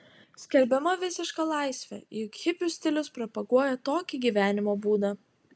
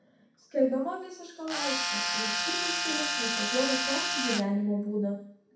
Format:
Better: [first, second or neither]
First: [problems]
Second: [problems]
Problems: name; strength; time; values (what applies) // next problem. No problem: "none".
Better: first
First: none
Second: background sound (Tools); 2 dB above the speech // room echo; dies away in 0.6 s